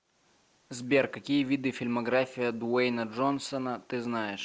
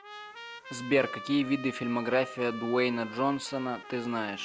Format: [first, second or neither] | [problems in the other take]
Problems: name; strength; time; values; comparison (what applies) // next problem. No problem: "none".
first | background sound (Trumpet); 14 dB below the speech